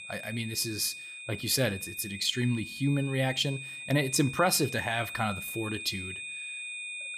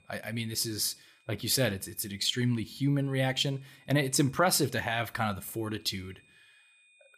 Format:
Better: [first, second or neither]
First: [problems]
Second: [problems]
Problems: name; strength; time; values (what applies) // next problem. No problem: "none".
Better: second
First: high-pitched whine; loud; throughout; 2.5 kHz, 9 dB below the speech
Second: high-pitched whine; faint; throughout; 2.5 kHz, 35 dB below the speech